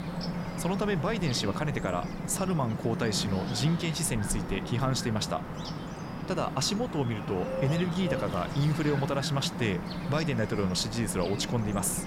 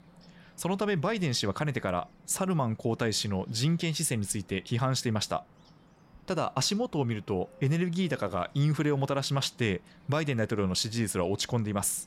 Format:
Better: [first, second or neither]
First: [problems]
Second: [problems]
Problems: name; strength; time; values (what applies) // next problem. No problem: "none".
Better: second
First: animal sounds; loud; throughout; 5 dB below the speech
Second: animal sounds; faint; throughout; 25 dB below the speech